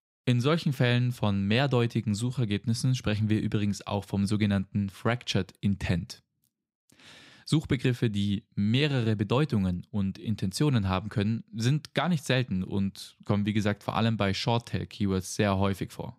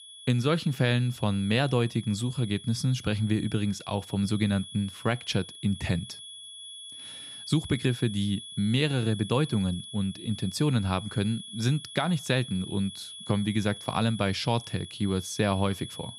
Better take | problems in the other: first | high-pitched whine; noticeable; throughout; 3.5 kHz, 15 dB below the speech

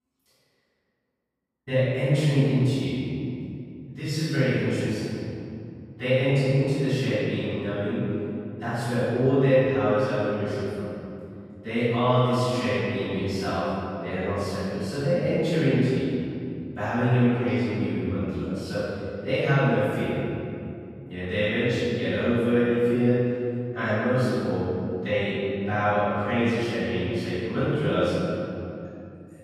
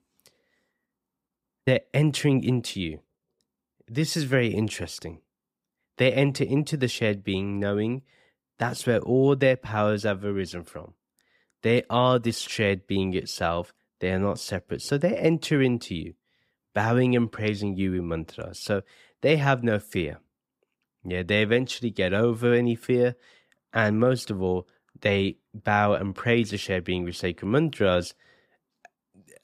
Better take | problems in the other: second | off-mic speech; far // room echo; strong; dies away in 2.7 s

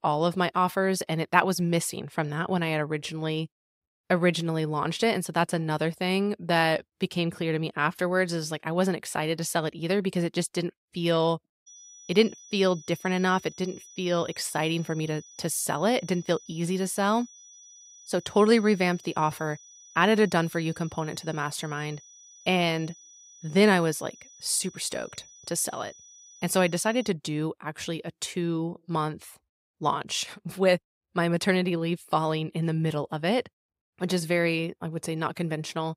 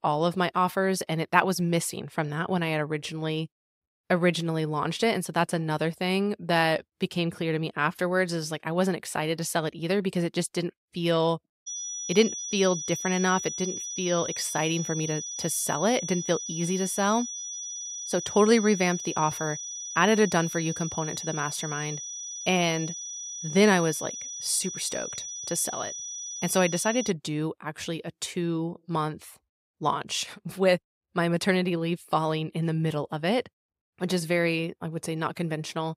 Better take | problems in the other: first | high-pitched whine; loud; from 12 to 27 s; 6 kHz, 6 dB below the speech; faint in the first

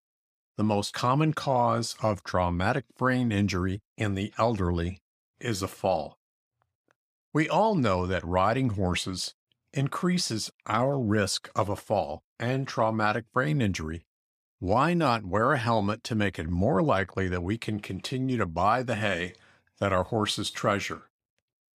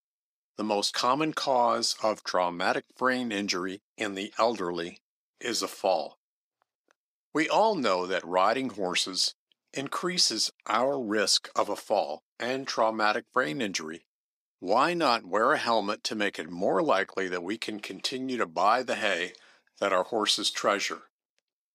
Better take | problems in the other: first | thin; somewhat; fading below 300 Hz

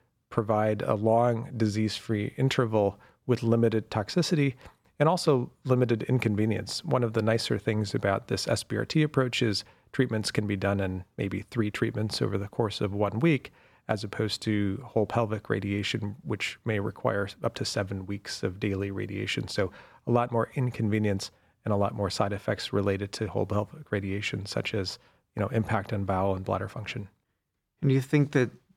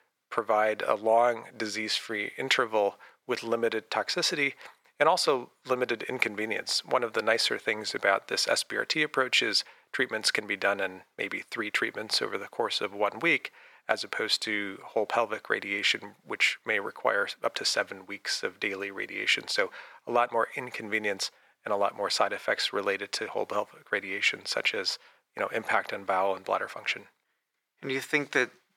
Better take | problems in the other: first | thin; very; fading below 550 Hz

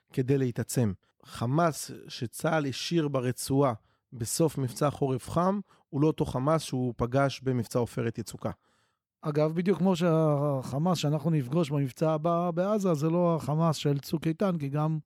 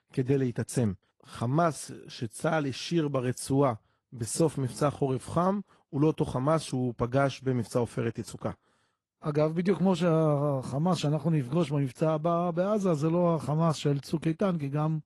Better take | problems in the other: first | garbled, watery; slightly; nothing above 11.5 kHz

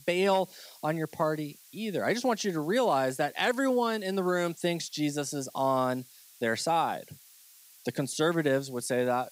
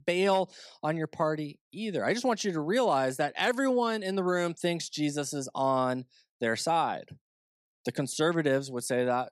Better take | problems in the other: second | hiss; faint; throughout; 25 dB below the speech

